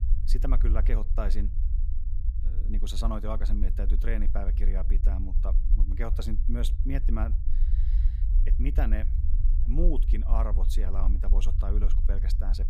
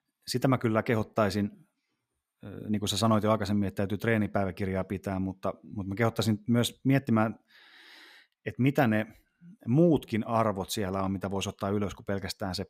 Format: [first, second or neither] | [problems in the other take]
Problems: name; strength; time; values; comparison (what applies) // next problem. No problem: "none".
second | low rumble; noticeable; throughout; 10 dB below the speech